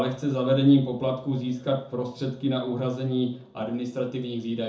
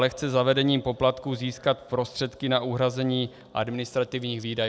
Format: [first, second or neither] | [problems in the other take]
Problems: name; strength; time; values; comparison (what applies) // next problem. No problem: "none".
second | room echo; dies away in 0.6 s